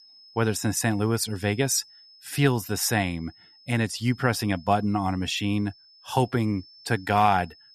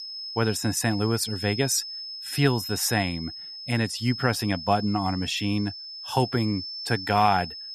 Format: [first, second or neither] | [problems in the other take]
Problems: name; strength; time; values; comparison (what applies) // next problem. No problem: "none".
first | high-pitched whine; loud; throughout; 5 kHz, 8 dB below the speech; faint in the first